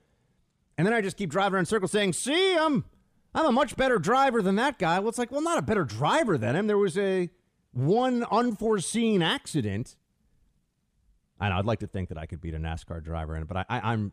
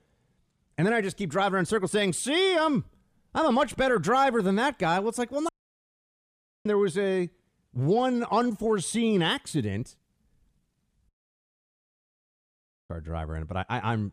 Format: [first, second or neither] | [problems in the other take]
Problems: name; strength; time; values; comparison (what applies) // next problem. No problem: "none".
first | audio cutting out; at 5.5 s for 1 s and at 11 s for 2 s